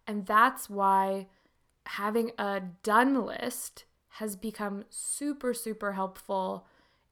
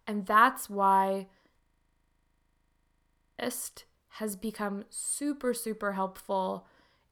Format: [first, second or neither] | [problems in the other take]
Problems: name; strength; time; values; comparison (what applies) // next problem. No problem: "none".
first | audio freezing; at 1.5 s for 2 s